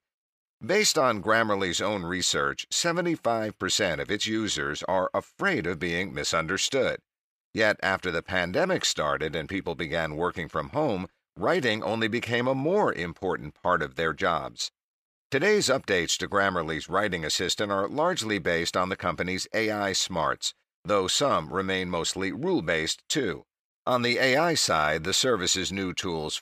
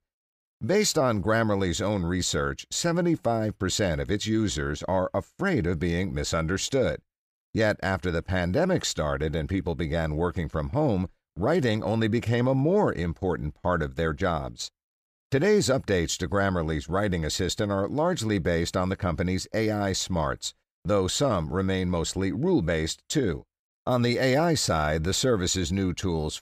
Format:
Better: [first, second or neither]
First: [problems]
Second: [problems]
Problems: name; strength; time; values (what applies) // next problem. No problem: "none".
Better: second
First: thin; very slightly; fading below 750 Hz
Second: none